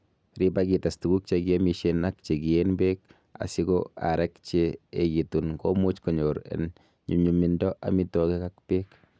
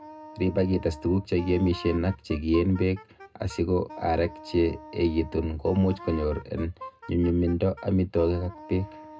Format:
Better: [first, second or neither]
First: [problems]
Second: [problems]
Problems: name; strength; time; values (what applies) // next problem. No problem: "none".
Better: first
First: none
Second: background sound (Wind instrument, woodwind instrument); 18 dB below the speech // room echo; dies away in 0.2 s